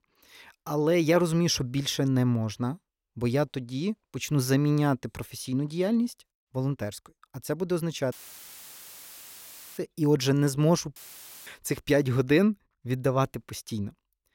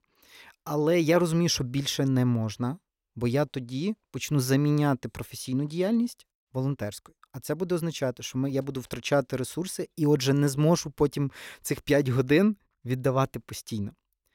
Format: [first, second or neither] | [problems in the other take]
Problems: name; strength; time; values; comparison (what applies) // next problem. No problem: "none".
second | audio cutting out; filled with static; at 8 s for 1.5 s and at 11 s for 0.5 s